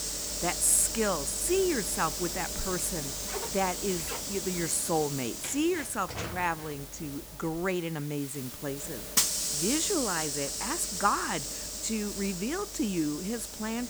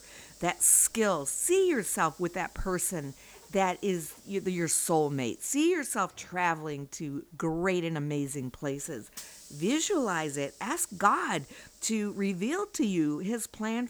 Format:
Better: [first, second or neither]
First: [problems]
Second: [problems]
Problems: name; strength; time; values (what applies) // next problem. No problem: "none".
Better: second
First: hiss; loud; throughout; 2 dB below the speech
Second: hiss; faint; throughout; 25 dB below the speech